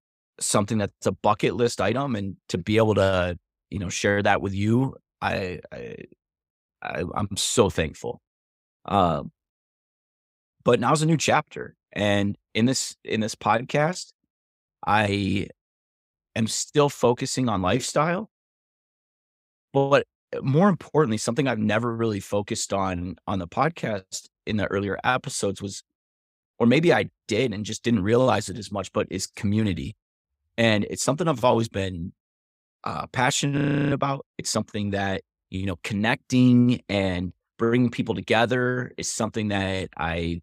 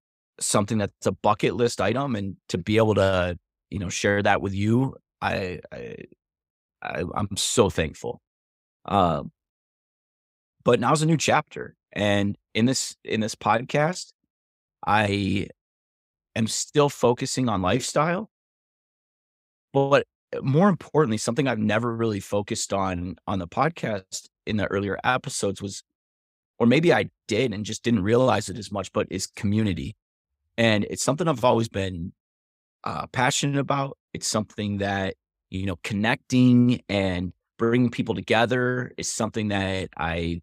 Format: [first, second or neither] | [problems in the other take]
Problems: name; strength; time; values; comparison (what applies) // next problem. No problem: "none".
second | audio freezing; at 34 s